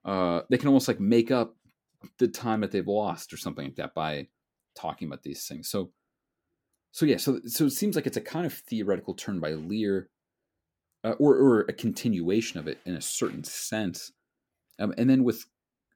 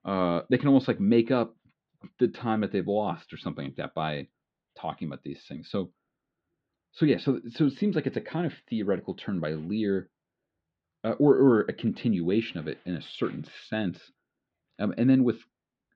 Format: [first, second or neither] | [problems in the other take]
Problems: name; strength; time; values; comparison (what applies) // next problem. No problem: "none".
first | muffled; slightly; fading above 3.5 kHz